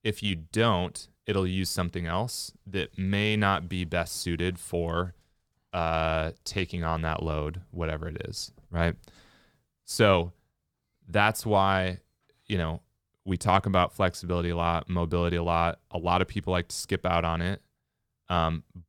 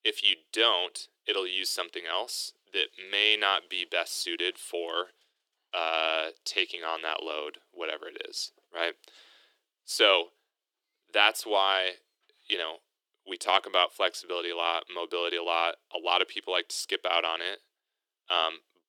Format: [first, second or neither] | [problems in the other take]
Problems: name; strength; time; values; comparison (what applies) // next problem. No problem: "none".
first | thin; very; fading below 350 Hz